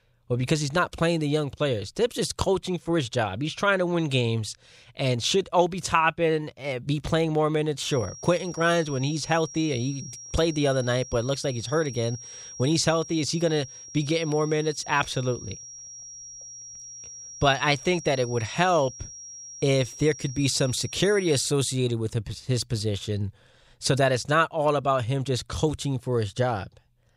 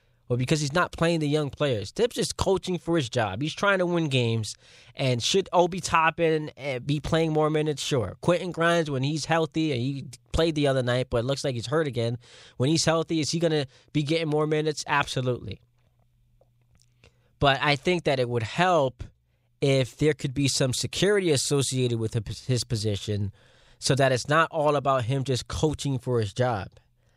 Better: second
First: high-pitched whine; noticeable; from 8 to 21 s; 5.5 kHz, 15 dB below the speech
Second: none

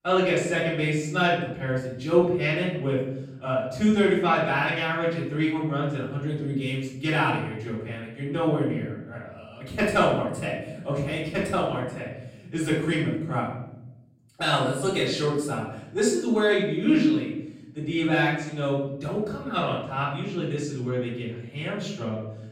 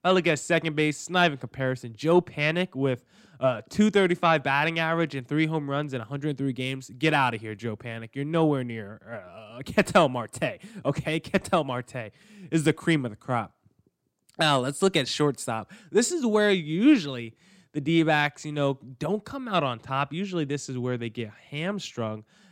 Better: second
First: room echo; noticeable; dies away in 0.8 s // off-mic speech; far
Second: none

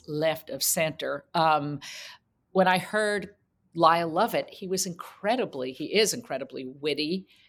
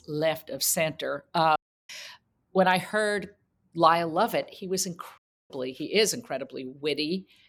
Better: first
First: none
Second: audio cutting out; at 1.5 s and at 5 s

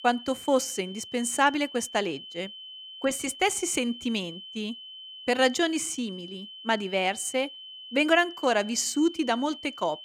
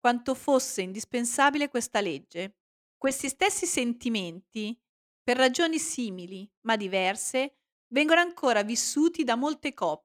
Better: second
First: high-pitched whine; noticeable; throughout; 3 kHz, 15 dB below the speech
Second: none

